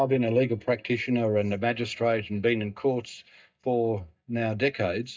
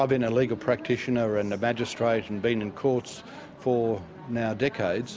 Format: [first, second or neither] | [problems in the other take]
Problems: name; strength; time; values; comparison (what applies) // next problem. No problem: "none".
second | noise reduction (neural mask model DeepFilterNet 3)